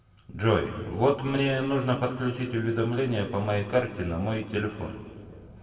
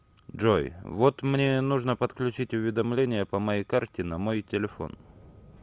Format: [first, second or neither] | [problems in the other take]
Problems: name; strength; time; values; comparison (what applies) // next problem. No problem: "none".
second | room echo; dies away in 1.9 s